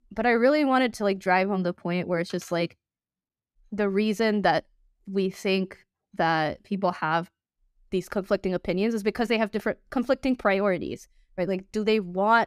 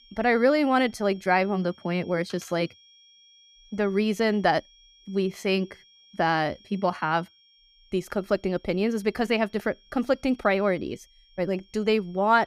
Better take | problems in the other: first | high-pitched whine; faint; throughout; 3 kHz, 30 dB below the speech

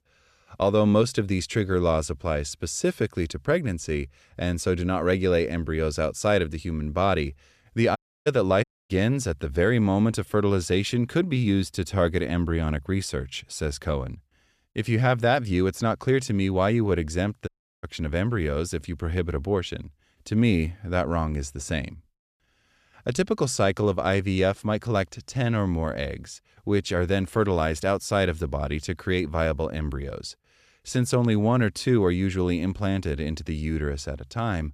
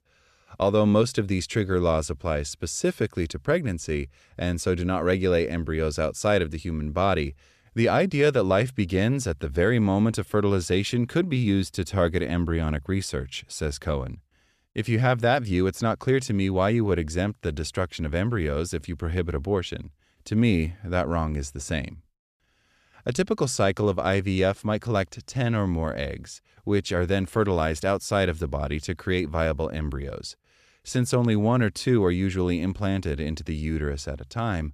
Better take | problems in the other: second | audio cutting out; at 8 s, at 8.5 s and at 17 s

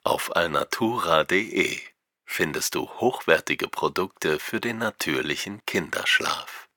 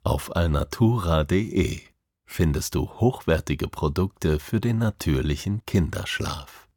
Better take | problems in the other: second | thin; very; fading below 400 Hz

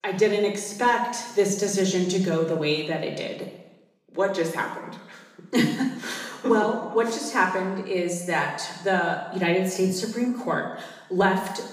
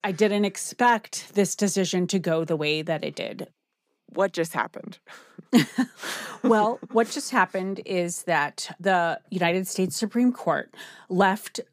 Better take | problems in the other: second | room echo; noticeable; dies away in 0.9 s // off-mic speech; somewhat distant

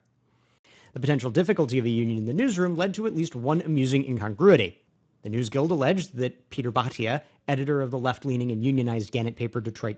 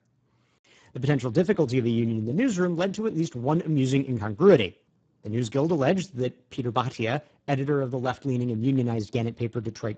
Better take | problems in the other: first | garbled, watery; badly; nothing above 7.5 kHz; slightly in the first

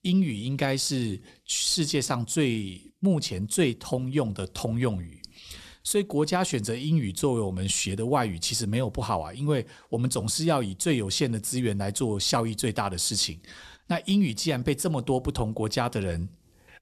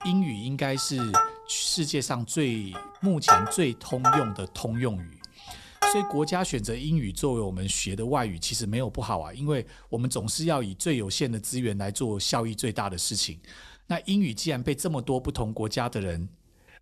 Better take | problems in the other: first | background music; very loud; throughout; 3 dB above the speech

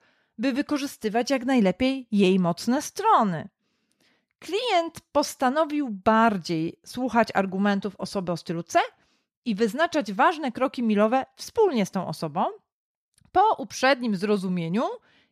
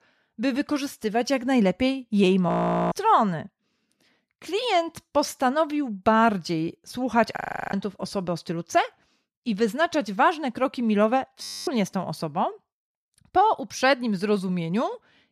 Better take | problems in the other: first | audio freezing; at 2.5 s, at 7.5 s and at 11 s

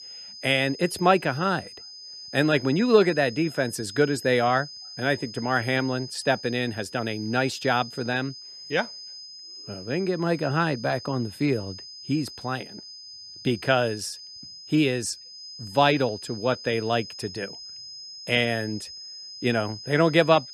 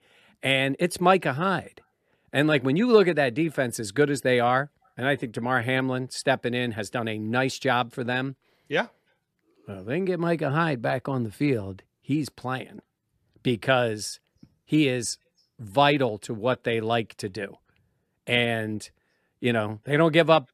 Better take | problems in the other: second | high-pitched whine; noticeable; throughout; 5 kHz, 15 dB below the speech

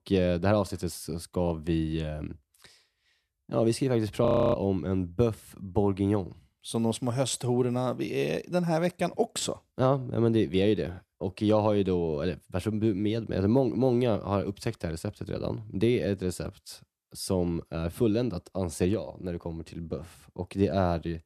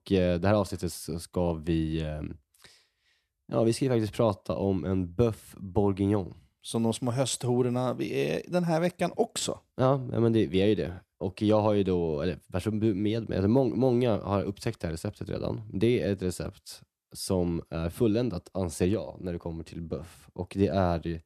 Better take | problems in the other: second | audio freezing; at 4.5 s

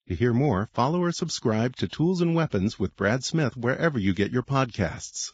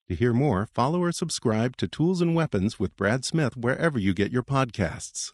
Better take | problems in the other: second | garbled, watery; badly; nothing above 7.5 kHz; slightly in the second

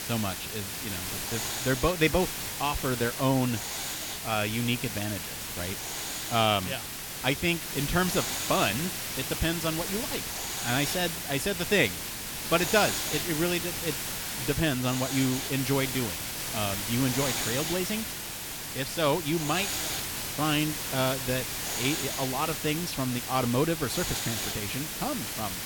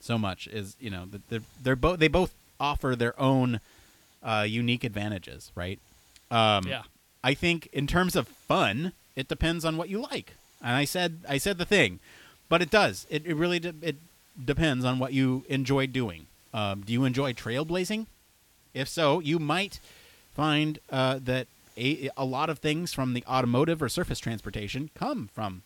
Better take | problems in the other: second | hiss; loud; throughout; 2 dB below the speech; faint in the second

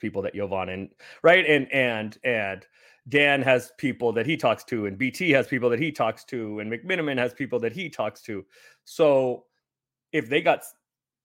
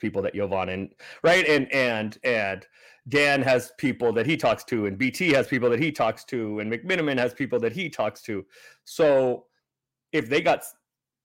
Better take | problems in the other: first | distortion; slight; 10 dB below the speech

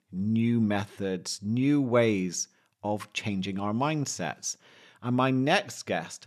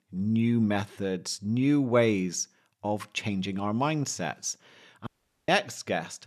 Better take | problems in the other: first | audio cutting out; at 5 s

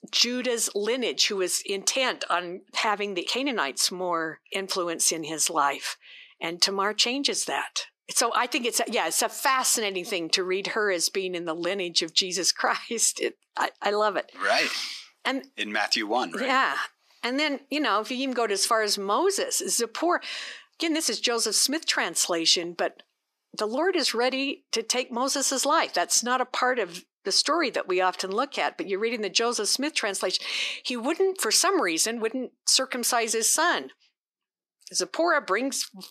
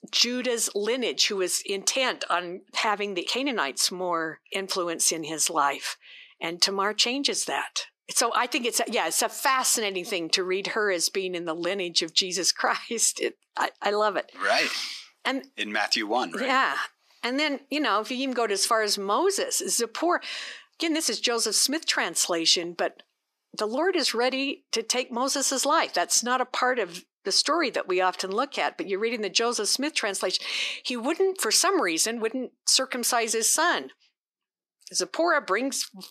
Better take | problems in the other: neither | thin; somewhat; fading below 350 Hz; the same in both

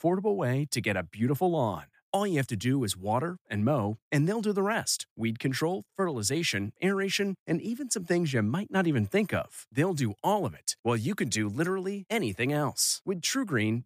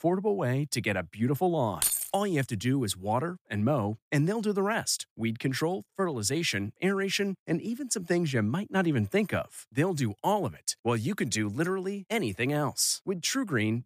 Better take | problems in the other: first | jangling keys; loud; at 2 s; peak 3 dB above the speech

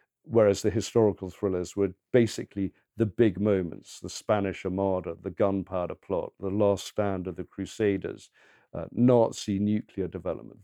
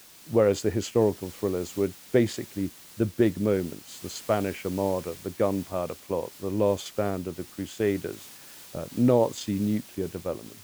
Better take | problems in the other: first | hiss; noticeable; throughout; 15 dB below the speech

